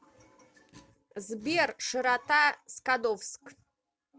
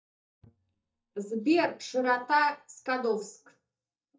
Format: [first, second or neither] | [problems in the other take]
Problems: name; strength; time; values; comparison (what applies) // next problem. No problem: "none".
first | noise reduction (neural mask model DeepFilterNet 3)